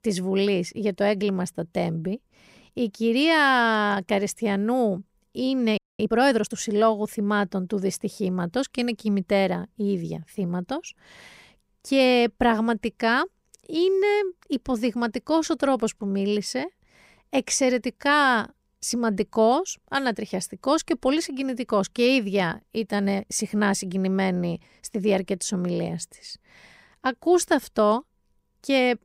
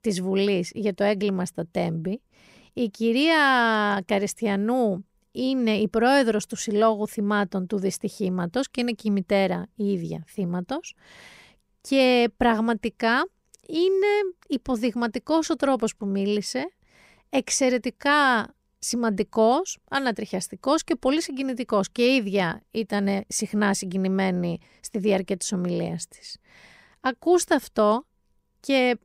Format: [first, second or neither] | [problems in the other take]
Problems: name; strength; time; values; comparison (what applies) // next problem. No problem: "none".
second | audio freezing; at 6 s